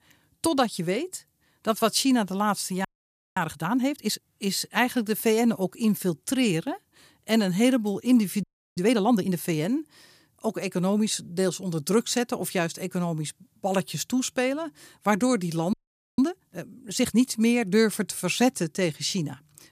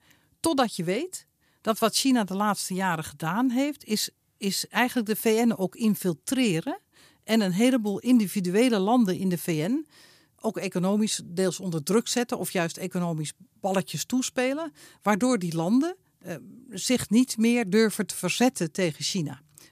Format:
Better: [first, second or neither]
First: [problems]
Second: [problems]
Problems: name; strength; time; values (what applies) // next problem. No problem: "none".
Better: second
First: audio freezing; at 3 s for 0.5 s, at 8.5 s and at 16 s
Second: none